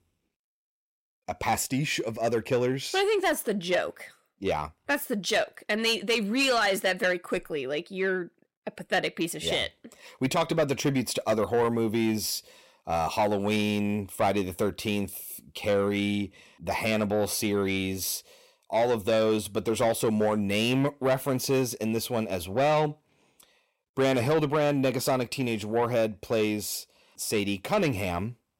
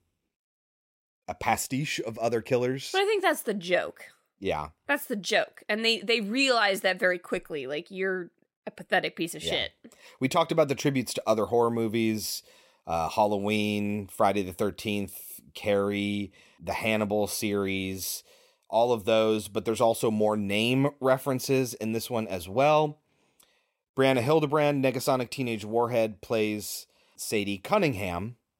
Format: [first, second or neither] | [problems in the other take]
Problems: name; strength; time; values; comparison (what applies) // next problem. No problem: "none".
second | distortion; slight; 10 dB below the speech